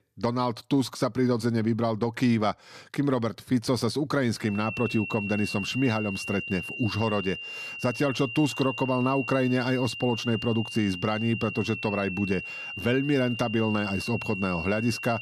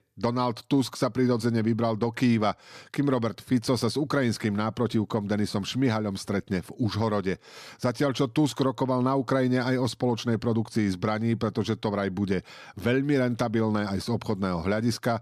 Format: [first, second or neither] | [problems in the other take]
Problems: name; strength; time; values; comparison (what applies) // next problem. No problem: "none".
second | high-pitched whine; loud; from 4.5 s on; 3 kHz, 7 dB below the speech